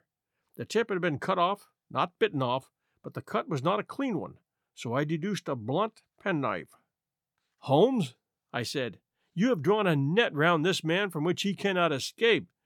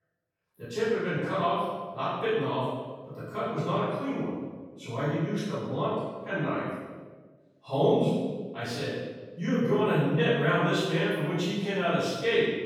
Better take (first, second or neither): first